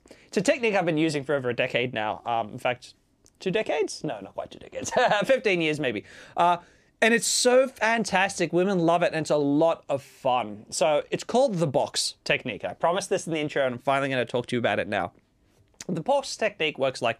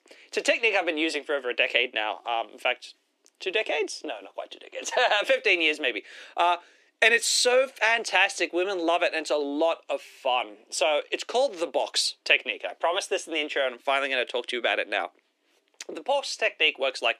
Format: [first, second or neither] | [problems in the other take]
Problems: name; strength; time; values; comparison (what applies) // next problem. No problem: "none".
first | thin; somewhat; fading below 300 Hz